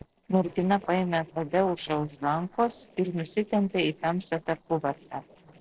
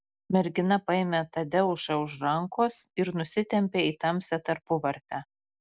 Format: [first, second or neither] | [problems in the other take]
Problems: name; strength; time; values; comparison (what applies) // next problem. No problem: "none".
second | noise reduction (neural separator model SepFormer DNS4)